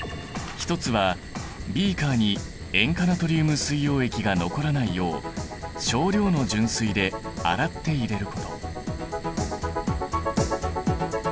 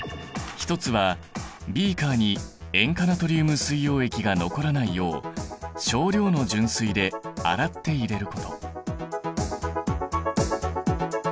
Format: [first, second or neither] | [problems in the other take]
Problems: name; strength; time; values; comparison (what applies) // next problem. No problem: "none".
second | background sound (Fire); 13 dB below the speech